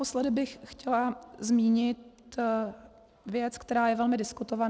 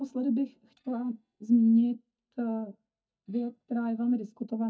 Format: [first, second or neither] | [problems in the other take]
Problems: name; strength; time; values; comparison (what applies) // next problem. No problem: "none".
first | noise reduction (neural mask model DeepFilterNet 3)